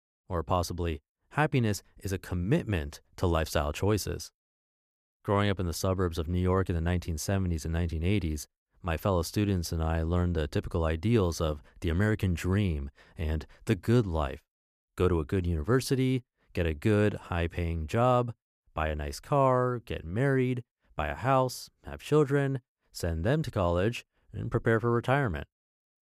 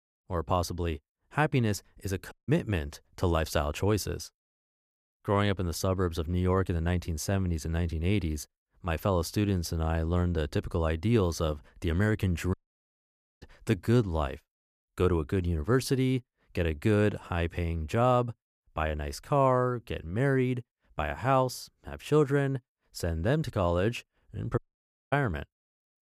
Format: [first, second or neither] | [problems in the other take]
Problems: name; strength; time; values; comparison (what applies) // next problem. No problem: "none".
first | audio cutting out; at 2.5 s, at 13 s for 1 s and at 25 s for 0.5 s